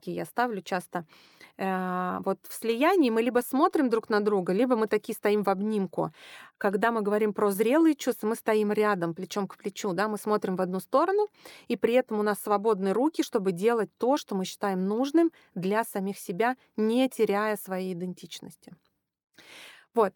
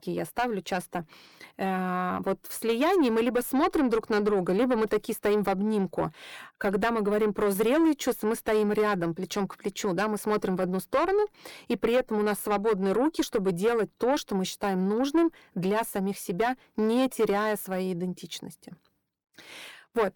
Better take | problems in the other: first | distortion; slight; 10 dB below the speech

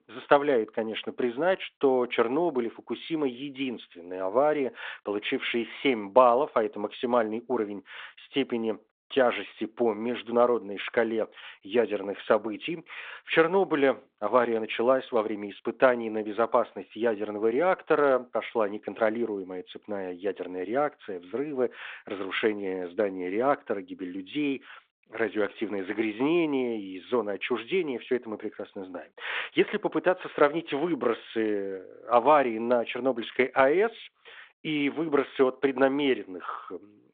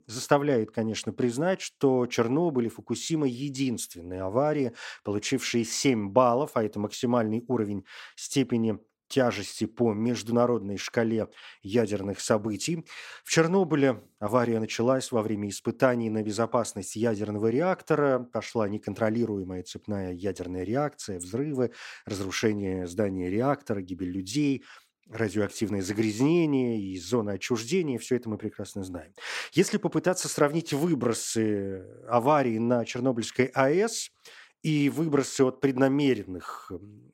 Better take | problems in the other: second | phone-call audio

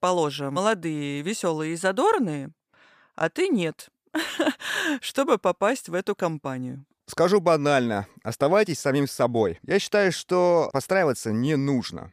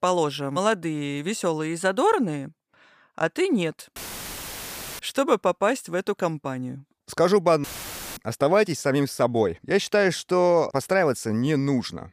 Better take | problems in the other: first | audio cutting out; filled with static; at 4 s for 1 s and at 7.5 s for 0.5 s

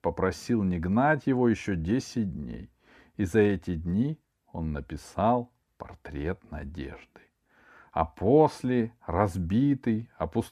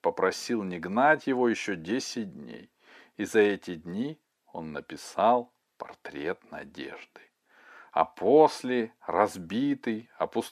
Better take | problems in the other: first | thin; somewhat; fading below 350 Hz

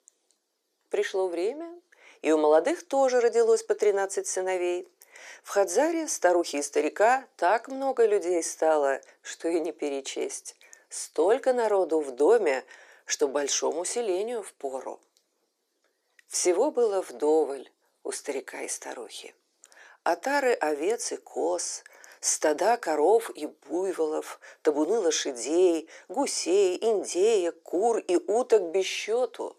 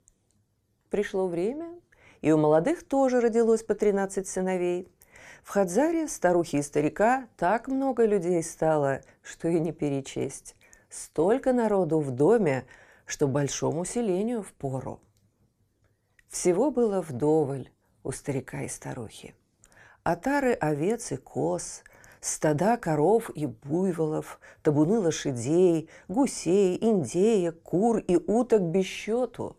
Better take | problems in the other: second | thin; somewhat; fading below 350 Hz

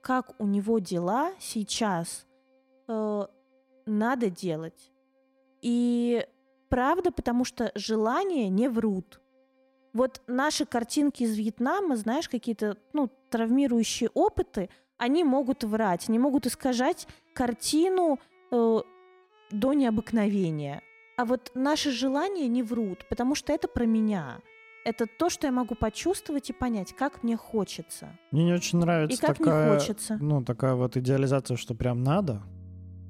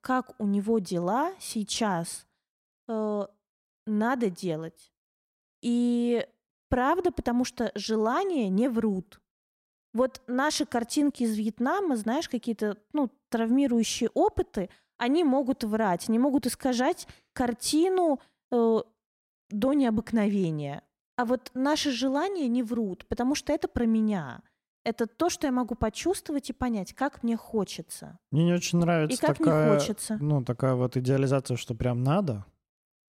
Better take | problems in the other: second | background music; faint; throughout; 25 dB below the speech

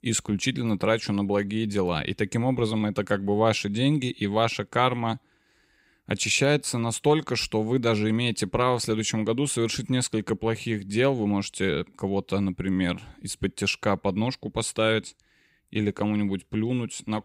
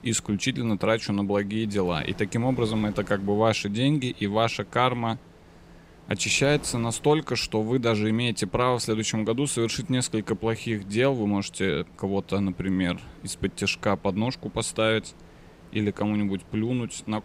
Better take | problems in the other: first | wind noise on the microphone; occasional gusts; 25 dB below the speech

